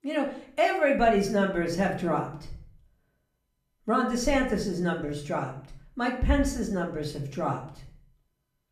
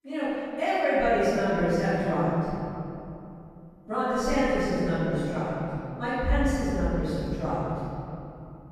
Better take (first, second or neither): first